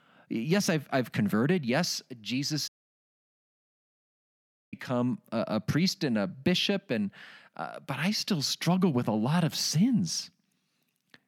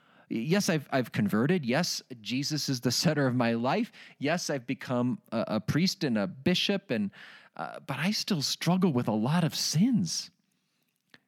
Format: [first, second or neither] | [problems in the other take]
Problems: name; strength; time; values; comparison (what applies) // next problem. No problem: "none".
second | audio cutting out; at 2.5 s for 2 s